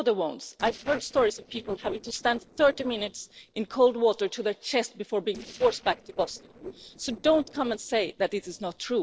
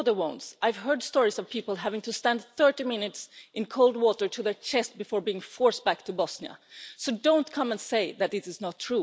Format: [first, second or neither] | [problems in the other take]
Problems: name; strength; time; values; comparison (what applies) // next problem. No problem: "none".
second | noise reduction (neural separator model SepFormer DNS4)